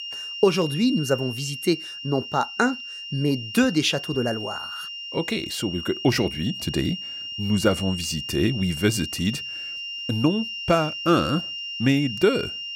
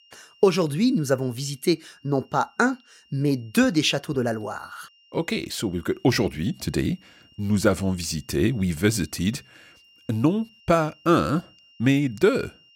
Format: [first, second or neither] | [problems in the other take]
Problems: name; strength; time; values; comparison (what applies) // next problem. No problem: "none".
second | high-pitched whine; loud; throughout; 3 kHz, 7 dB below the speech; faint in the second